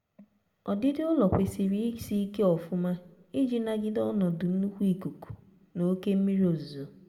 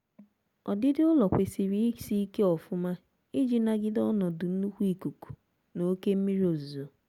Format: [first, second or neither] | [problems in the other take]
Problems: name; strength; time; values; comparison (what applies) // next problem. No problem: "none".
second | room echo; dies away in 0.8 s